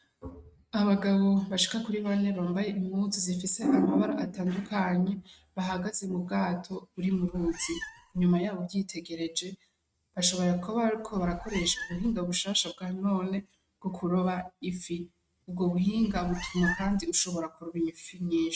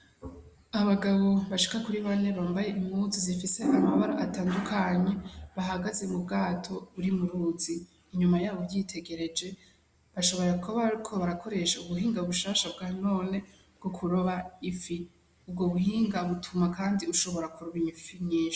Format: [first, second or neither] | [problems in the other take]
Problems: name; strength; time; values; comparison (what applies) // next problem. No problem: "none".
second | noise reduction (neural mask model RNNoise)